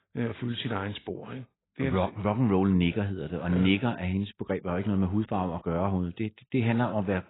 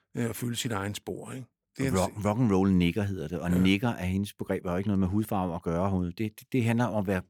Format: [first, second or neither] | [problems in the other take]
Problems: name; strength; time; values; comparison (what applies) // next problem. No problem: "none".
second | garbled, watery; badly; nothing above 3.5 kHz